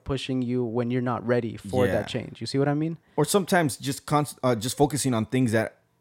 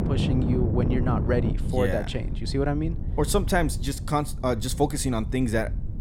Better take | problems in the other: first | wind noise on the microphone; occasional gusts; 10 dB below the speech

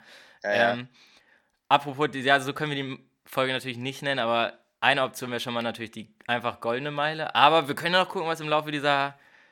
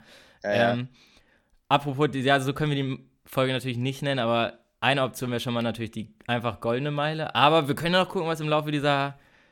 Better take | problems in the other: second | thin; very slightly; fading below 550 Hz

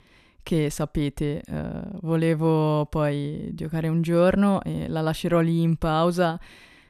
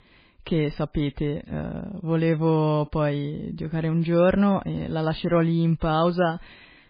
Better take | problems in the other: first | garbled, watery; badly; nothing above 4.5 kHz

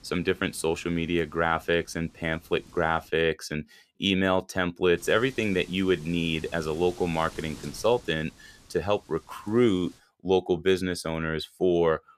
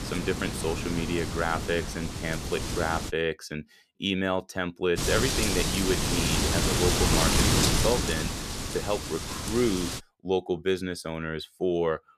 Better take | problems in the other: first | wind noise on the microphone; heavy; until 3 s and from 5 to 10 s; 1 dB above the speech; occasional gusts in the first

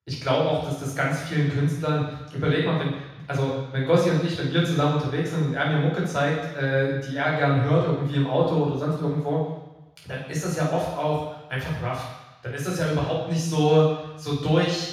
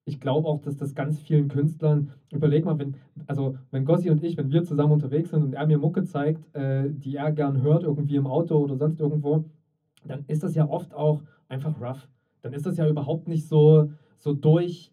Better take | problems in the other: second | room echo; strong; dies away in 1.1 s; slight in the second // off-mic speech; far; far in the second

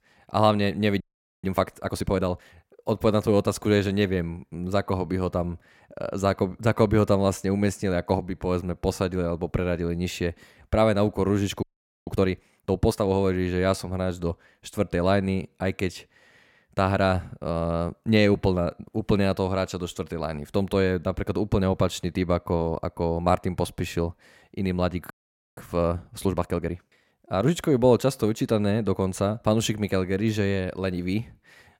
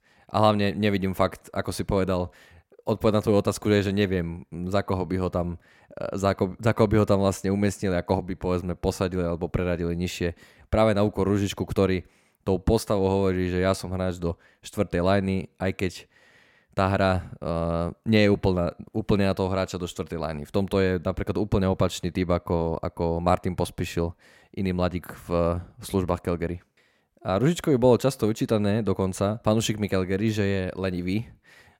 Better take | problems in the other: second | audio freezing; at 1 s, at 12 s and at 25 s

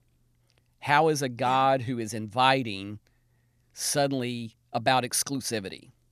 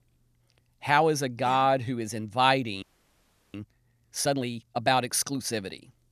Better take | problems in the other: first | audio freezing; at 3 s for 0.5 s

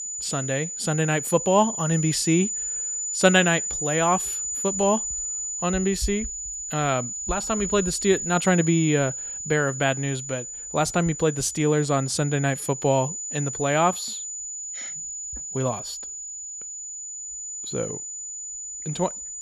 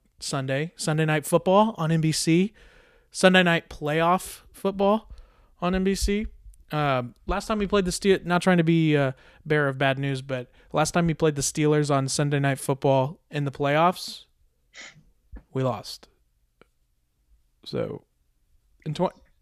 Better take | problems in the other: second | high-pitched whine; loud; throughout; 7 kHz, 5 dB below the speech

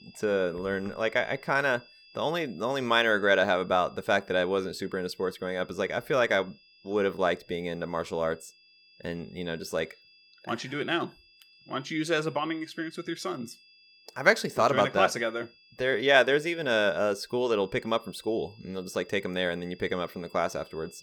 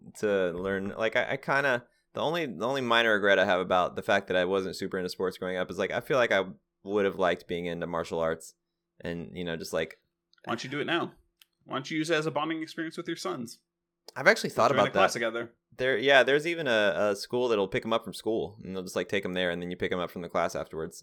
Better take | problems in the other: second | high-pitched whine; faint; throughout; 5 kHz, 25 dB below the speech

